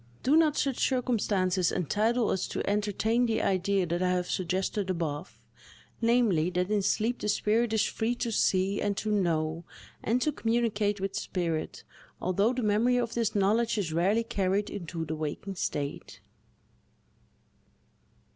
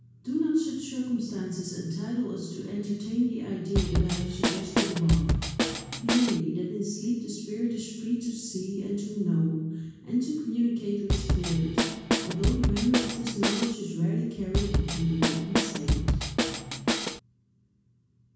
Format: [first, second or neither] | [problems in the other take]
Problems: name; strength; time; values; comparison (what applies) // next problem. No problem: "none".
first | background sound (Drum kit); 2 dB above the speech // room echo; dies away in 1.2 s